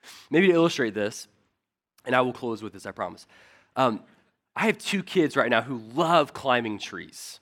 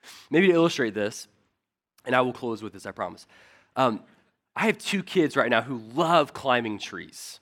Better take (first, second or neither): neither